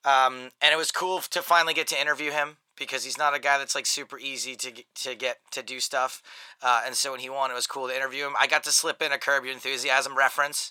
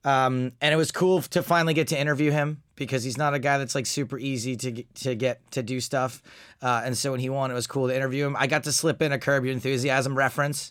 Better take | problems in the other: second | thin; very; fading below 800 Hz

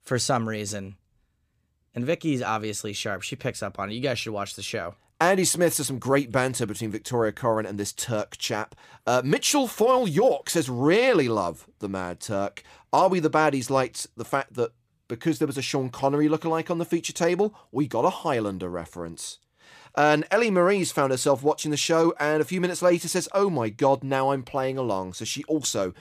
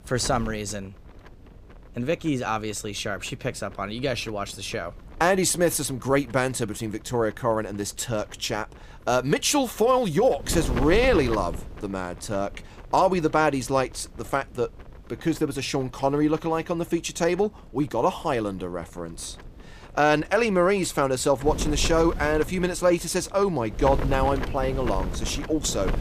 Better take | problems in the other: first | wind noise on the microphone; occasional gusts; 15 dB below the speech

